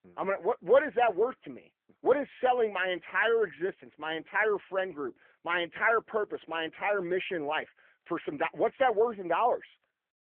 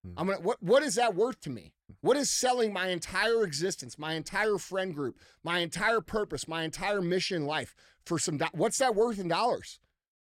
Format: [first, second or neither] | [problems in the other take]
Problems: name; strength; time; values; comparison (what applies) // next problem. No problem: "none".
second | phone-call audio; nothing above 3 kHz